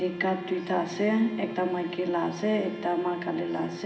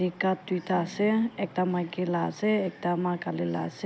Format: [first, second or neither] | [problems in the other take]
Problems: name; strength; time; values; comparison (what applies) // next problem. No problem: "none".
second | background sound (Wind instrument, woodwind instrument); 12 dB below the speech // room echo; dies away in 2.1 s